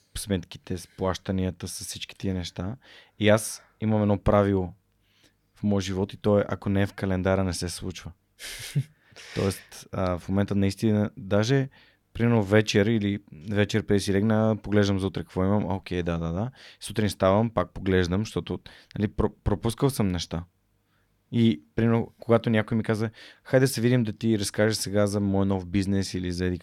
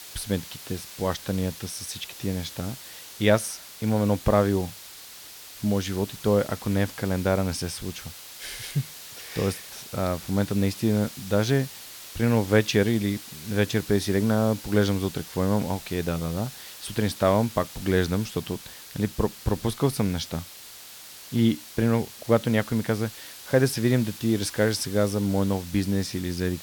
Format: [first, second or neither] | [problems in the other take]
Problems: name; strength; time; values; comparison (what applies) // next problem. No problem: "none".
first | hiss; noticeable; throughout; 15 dB below the speech